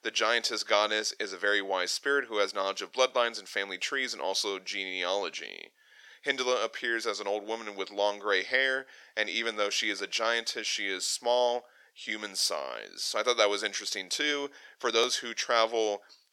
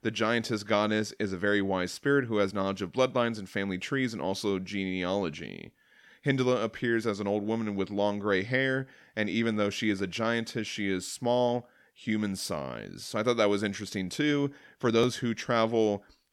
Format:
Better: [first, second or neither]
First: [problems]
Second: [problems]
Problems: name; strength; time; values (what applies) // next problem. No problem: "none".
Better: second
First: thin; very; fading below 500 Hz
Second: none